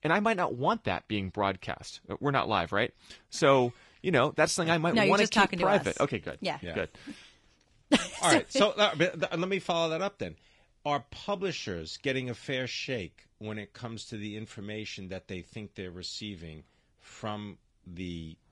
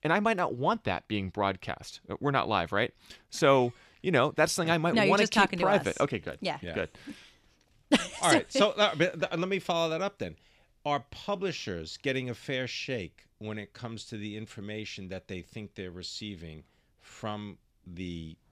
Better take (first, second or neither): second